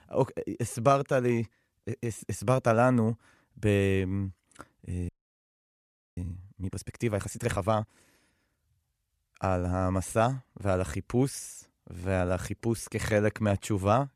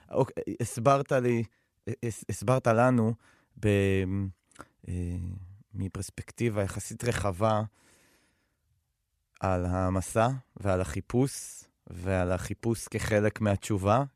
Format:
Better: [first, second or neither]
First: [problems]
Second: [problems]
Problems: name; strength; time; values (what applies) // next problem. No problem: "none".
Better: second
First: audio freezing; at 5 s for 1 s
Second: none